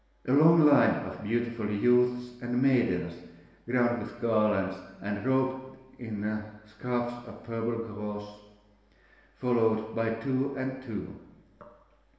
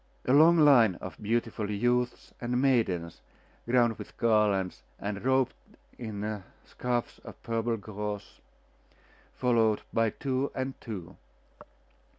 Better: second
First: room echo; dies away in 1.1 s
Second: none

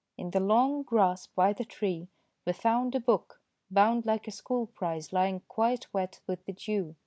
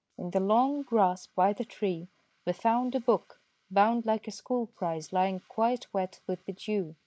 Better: first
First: none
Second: noise reduction (neural mask model Resemble Enhance denoiser)

